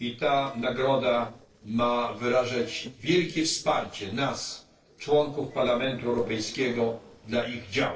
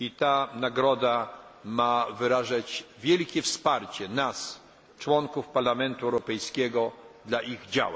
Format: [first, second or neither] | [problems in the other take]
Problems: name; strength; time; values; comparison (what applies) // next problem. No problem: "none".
second | noise reduction (neural separator model SepFormer DNS4)